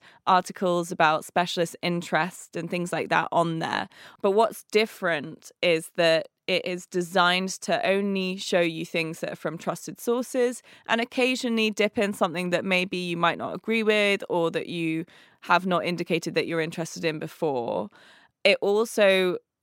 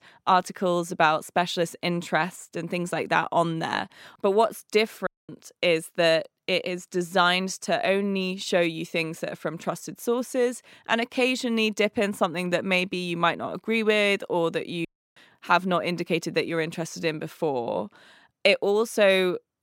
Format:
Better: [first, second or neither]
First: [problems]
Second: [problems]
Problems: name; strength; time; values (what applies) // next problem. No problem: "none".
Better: first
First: none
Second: audio cutting out; at 5 s and at 15 s